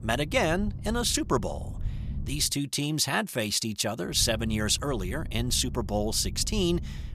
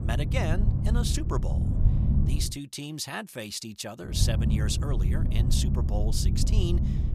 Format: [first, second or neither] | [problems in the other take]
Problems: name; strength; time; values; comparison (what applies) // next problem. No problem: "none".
first | low rumble; loud; until 2.5 s and from 4 s on; 5 dB below the speech; faint in the first